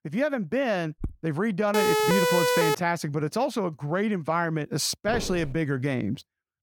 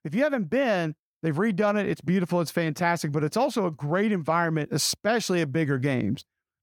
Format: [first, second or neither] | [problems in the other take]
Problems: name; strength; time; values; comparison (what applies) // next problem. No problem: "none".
second | footsteps; faint; at 1 s; peak 10 dB below the speech // siren; loud; from 1.5 to 3 s; peak 5 dB above the speech // footsteps; noticeable; at 5 s; peak 8 dB below the speech